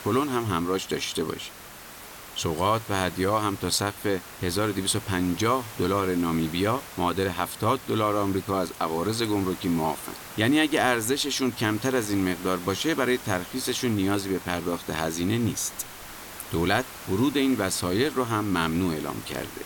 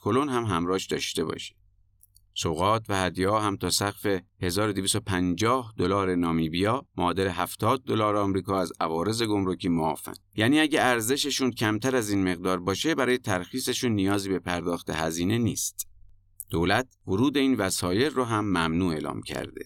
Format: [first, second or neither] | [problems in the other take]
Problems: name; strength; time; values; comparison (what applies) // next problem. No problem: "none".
second | hiss; noticeable; throughout; 15 dB below the speech